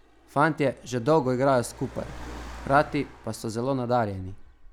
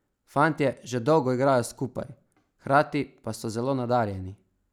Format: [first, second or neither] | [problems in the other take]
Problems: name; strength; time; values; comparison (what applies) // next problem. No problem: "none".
second | background sound (Car); 17 dB below the speech